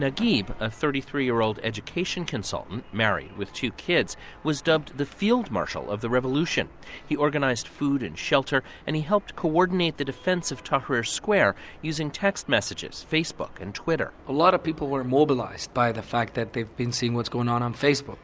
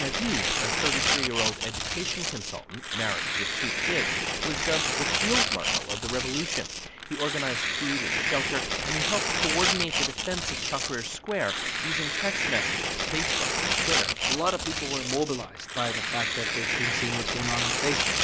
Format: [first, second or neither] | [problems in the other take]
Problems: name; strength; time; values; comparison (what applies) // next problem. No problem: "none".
first | background sound (Tearing); 5 dB above the speech